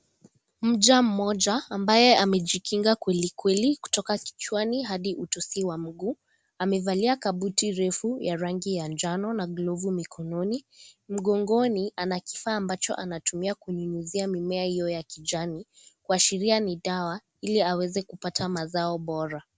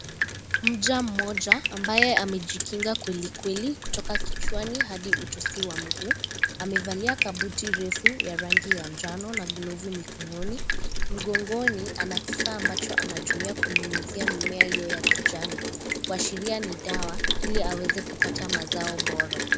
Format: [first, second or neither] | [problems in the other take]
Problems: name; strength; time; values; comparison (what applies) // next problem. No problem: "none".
first | background sound (Drip + Rain); 4 dB above the speech